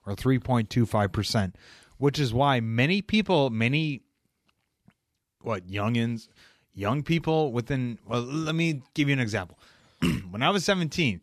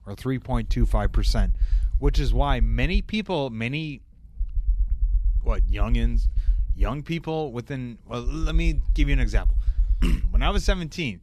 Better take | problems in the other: first | low rumble; faint; throughout; 20 dB below the speech

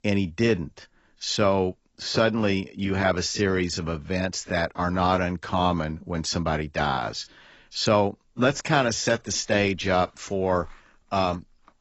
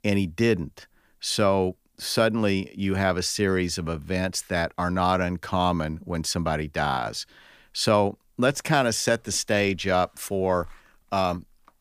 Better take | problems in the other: second | garbled, watery; badly; nothing above 7.5 kHz

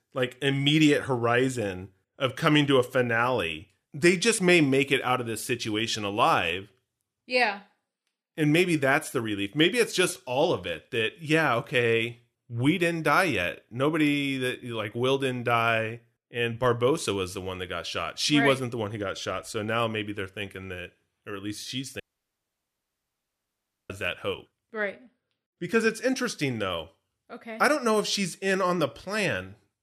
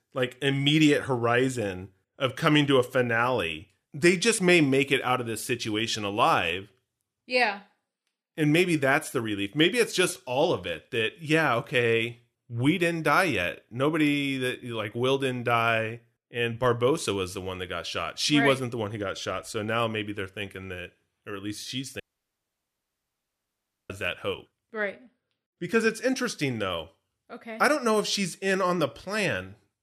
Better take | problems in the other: neither | audio cutting out; at 22 s for 2 s; the same in both

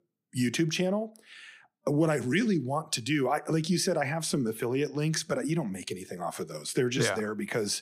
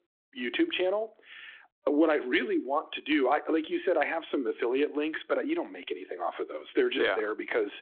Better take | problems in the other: first | phone-call audio

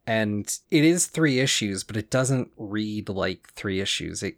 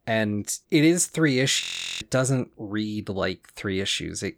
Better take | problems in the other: first | audio freezing; at 1.5 s

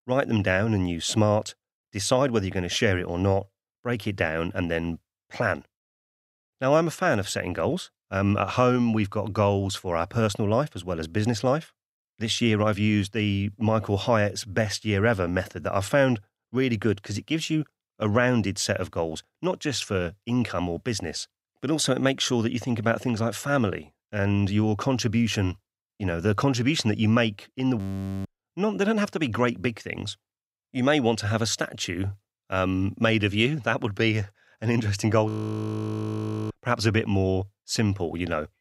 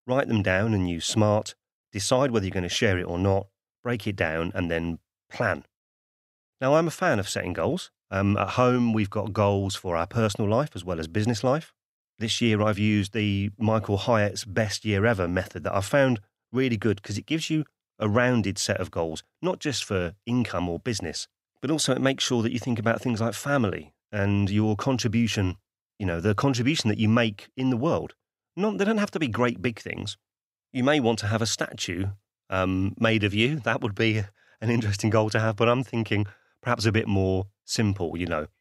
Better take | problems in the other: second | audio freezing; at 28 s and at 35 s for 1 s

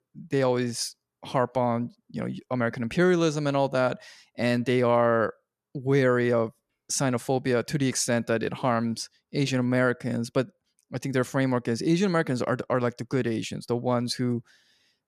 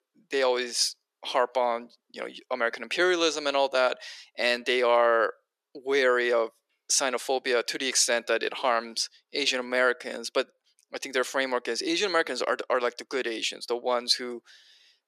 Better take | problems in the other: first | thin; very; fading below 350 Hz

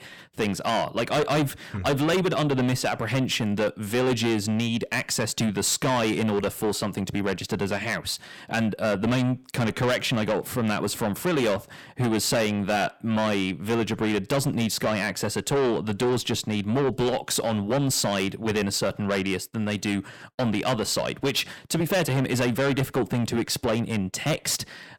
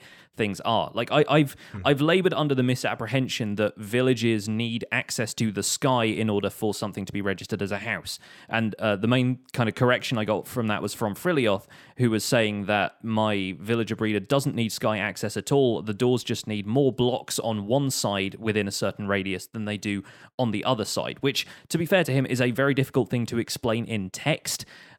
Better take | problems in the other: second | distortion; heavy; 6 dB below the speech

